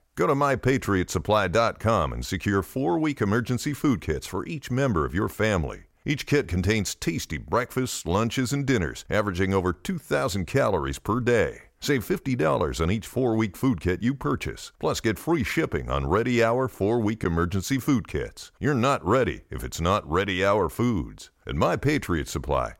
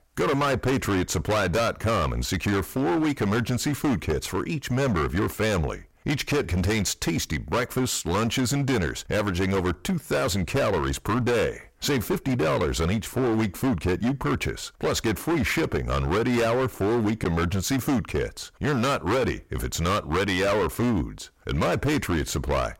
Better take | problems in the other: first | distortion; heavy; 21% of the sound clipped

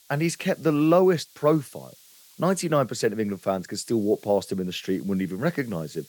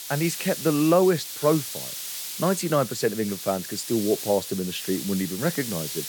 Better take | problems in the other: first | hiss; loud; throughout; 7 dB below the speech; faint in the first

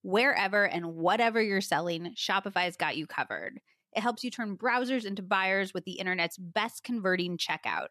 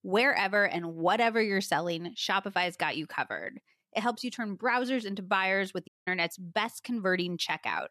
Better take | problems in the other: first | audio cutting out; at 6 s

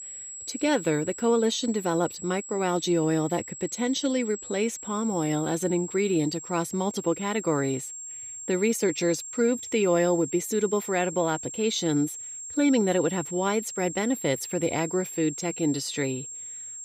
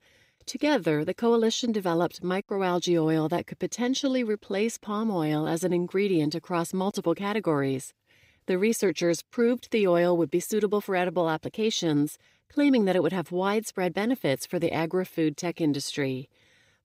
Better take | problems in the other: second | high-pitched whine; loud; throughout; 7.5 kHz, 10 dB below the speech

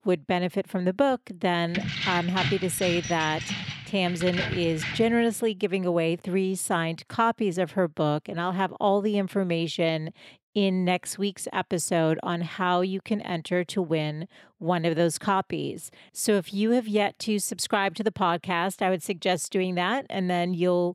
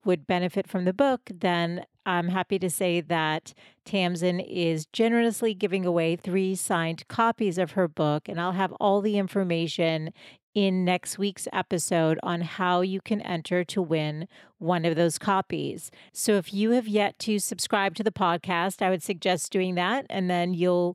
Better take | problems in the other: second | jangling keys; noticeable; from 1.5 to 5 s; peak 2 dB below the speech

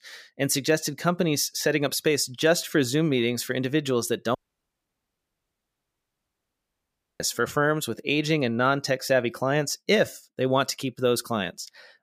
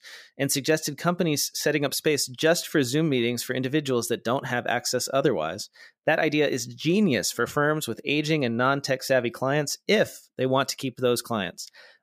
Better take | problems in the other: second | audio cutting out; at 4.5 s for 3 s

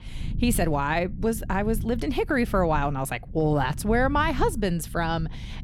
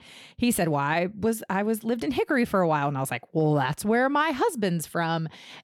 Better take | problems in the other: second | low rumble; faint; throughout; 20 dB below the speech

